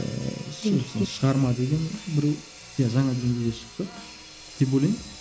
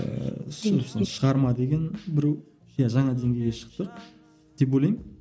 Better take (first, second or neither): second